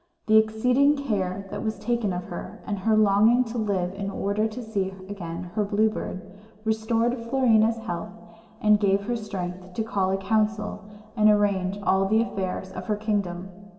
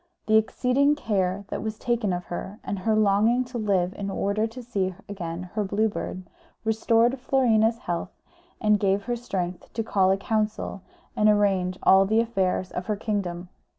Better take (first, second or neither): second